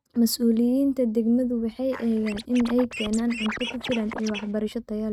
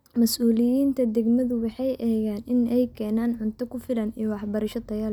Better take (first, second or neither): second